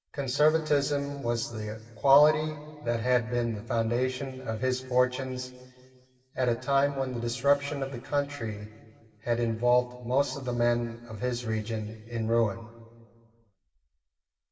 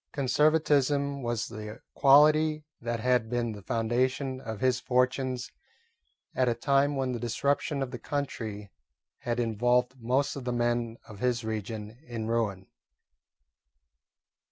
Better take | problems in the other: second | room echo; dies away in 1.8 s

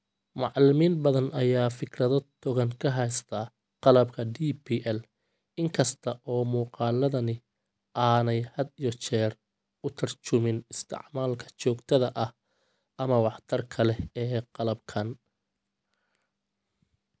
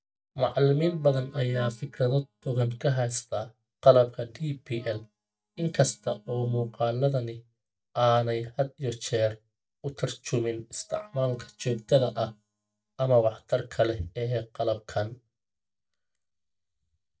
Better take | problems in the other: first | noise reduction (neural mask model DeepFilterNet 3)

